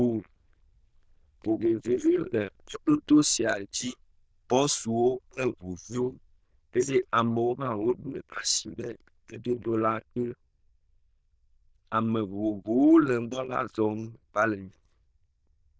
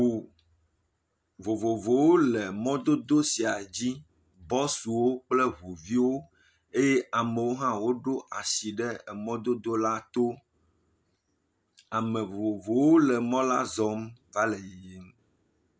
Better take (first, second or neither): second